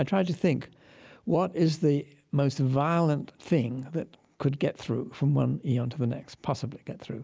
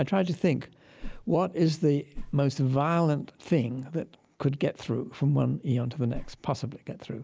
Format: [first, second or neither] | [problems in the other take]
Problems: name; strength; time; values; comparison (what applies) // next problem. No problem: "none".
first | background sound (Whoosh, swoosh, swish); 11 dB below the speech